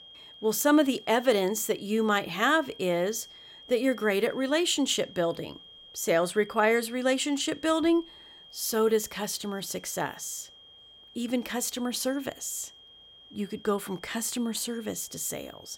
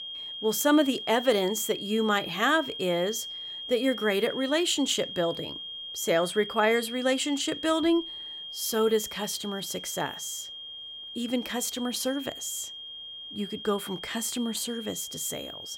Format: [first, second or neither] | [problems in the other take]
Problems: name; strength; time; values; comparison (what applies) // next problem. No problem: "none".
first | high-pitched whine; loud; throughout; 3 kHz, 9 dB below the speech; faint in the first